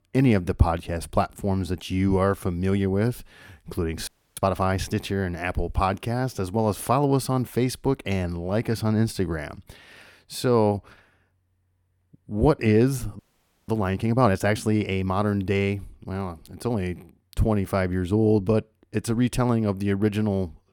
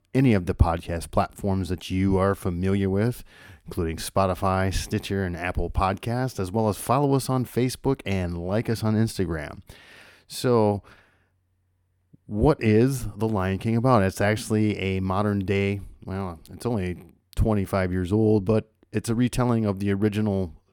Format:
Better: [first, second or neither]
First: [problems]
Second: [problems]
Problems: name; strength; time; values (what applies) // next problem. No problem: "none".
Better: second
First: audio freezing; at 4 s and at 13 s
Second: none